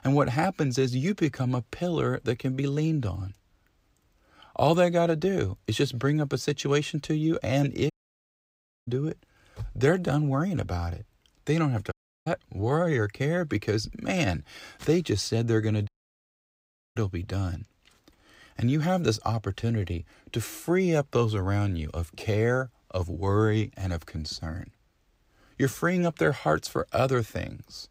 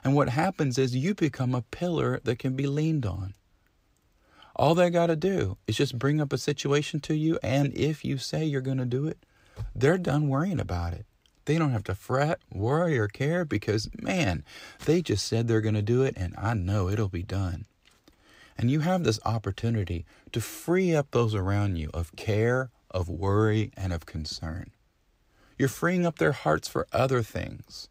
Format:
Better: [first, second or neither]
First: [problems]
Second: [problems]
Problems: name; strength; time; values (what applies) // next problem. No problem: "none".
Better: second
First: audio cutting out; at 8 s for 1 s, at 12 s and at 16 s for 1 s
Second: none